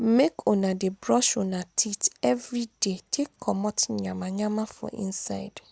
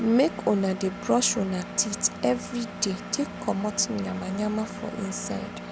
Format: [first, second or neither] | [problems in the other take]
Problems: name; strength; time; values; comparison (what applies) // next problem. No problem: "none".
first | background sound (Engine); 10 dB below the speech